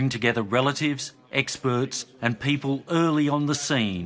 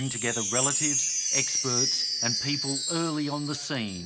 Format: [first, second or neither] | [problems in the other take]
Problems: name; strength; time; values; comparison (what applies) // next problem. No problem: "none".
first | background sound (Wind chime); 3 dB above the speech